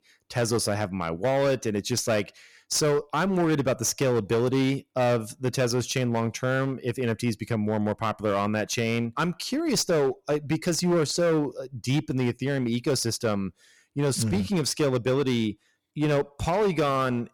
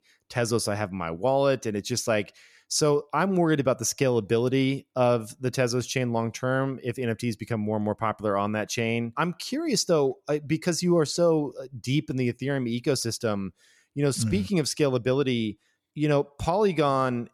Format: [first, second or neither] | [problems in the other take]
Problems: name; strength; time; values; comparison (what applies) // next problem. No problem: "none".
second | distortion; slight; 12% of the sound clipped